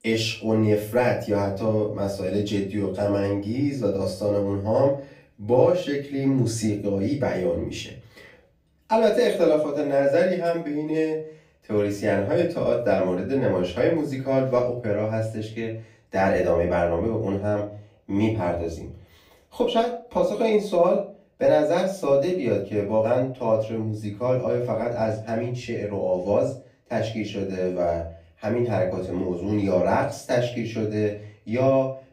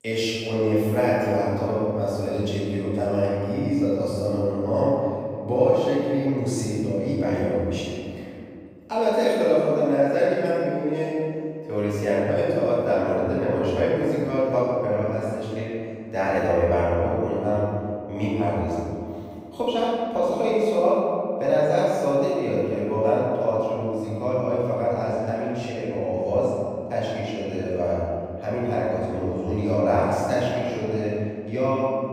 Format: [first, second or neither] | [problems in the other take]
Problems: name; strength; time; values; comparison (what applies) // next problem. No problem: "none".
first | room echo; strong; dies away in 2.5 s; slight in the first // off-mic speech; far; far in the first